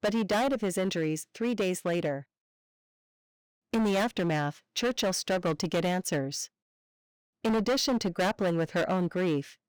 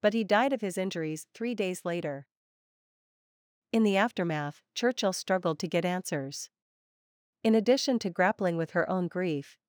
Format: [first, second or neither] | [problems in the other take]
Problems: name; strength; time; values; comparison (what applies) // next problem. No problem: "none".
second | distortion; heavy; 13% of the sound clipped